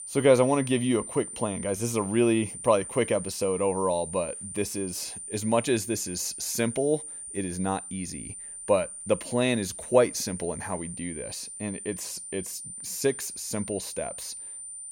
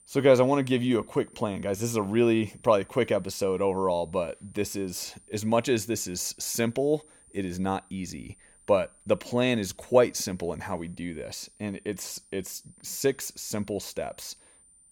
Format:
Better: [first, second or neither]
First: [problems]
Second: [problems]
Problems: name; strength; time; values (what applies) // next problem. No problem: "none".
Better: second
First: high-pitched whine; loud; throughout; 9 kHz, 9 dB below the speech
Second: high-pitched whine; faint; throughout; 9 kHz, 25 dB below the speech